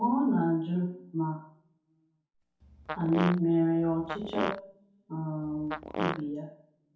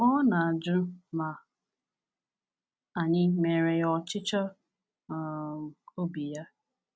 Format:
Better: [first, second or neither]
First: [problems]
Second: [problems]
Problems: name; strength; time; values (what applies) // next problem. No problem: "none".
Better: second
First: background sound (Fart); 6 dB below the speech // room echo; dies away in 0.6 s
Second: none